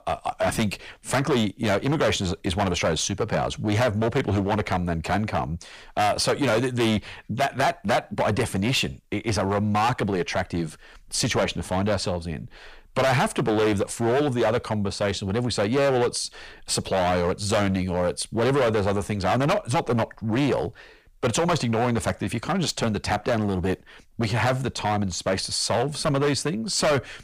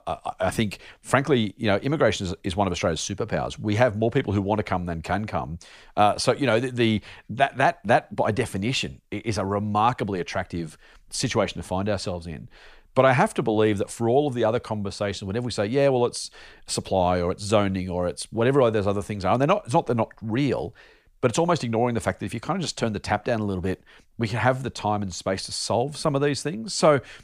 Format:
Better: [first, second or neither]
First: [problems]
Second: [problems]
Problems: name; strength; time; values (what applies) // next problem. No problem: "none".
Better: second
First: distortion; heavy; 13% of the sound clipped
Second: none